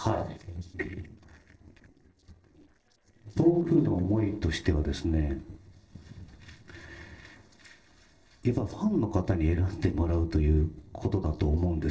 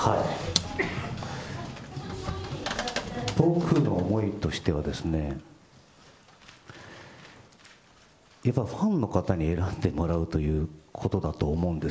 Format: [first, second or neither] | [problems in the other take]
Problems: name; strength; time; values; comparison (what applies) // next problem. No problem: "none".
second | noise reduction (neural separator model SepFormer DNS4)